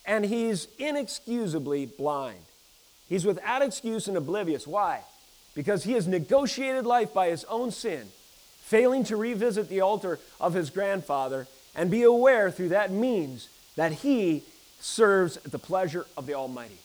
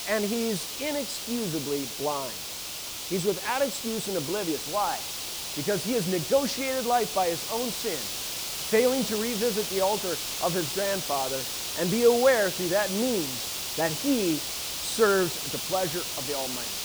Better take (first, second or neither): first